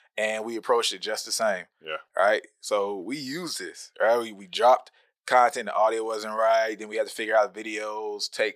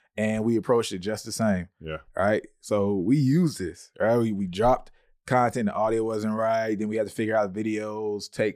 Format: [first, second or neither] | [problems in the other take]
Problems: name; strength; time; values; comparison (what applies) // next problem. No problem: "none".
second | thin; very; fading below 700 Hz